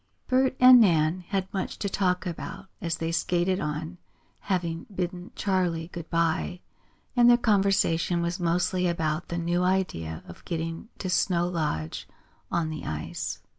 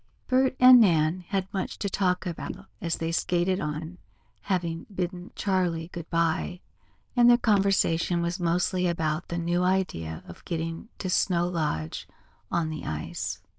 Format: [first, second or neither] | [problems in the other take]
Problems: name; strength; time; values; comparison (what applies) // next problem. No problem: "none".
first | noise reduction (neural diffusion model UNIVERSE++)